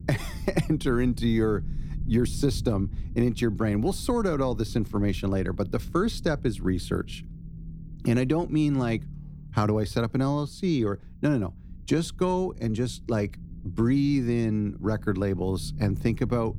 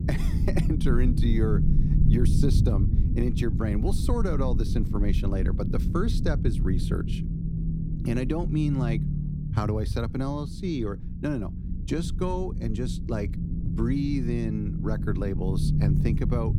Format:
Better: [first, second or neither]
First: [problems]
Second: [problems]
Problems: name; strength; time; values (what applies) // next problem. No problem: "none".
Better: first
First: low rumble; faint; throughout; 20 dB below the speech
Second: low rumble; loud; throughout; 5 dB below the speech